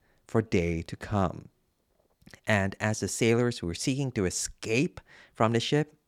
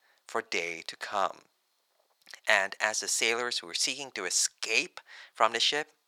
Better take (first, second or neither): first